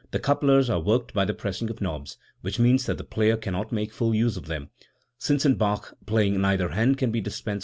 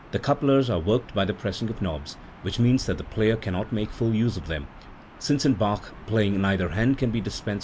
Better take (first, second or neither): first